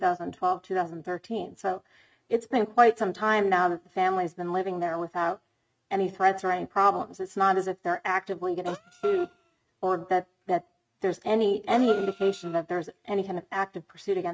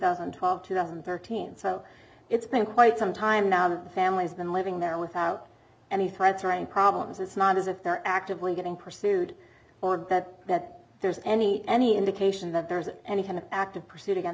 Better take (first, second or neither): second